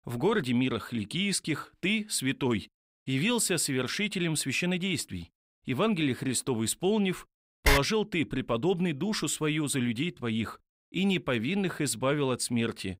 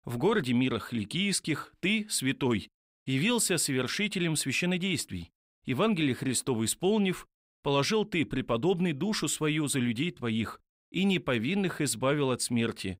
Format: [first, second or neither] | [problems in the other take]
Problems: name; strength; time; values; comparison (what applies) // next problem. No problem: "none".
second | keyboard typing; loud; at 7.5 s; peak 2 dB above the speech